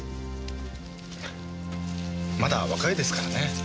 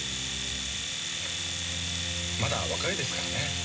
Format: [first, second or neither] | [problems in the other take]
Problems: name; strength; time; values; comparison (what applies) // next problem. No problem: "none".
first | background sound (Domestic sounds, home sounds); 2 dB above the speech // room echo; dies away in 0.2 s